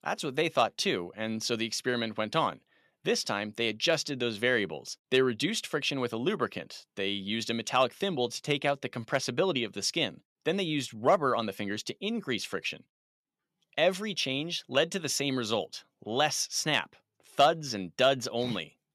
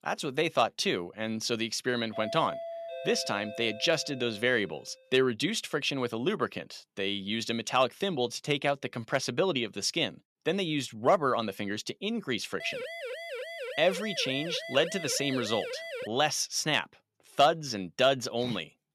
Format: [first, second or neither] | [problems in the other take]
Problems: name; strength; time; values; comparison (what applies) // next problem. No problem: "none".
first | doorbell; noticeable; from 2 to 4.5 s; peak 7 dB below the speech // siren; noticeable; from 13 to 16 s; peak 8 dB below the speech